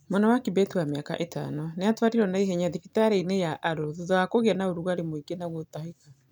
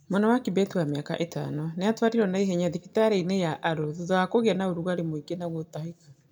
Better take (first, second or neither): first